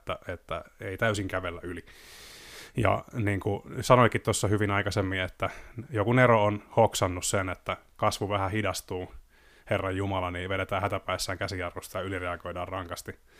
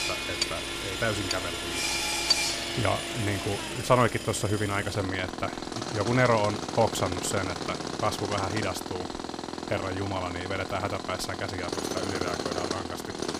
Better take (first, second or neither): first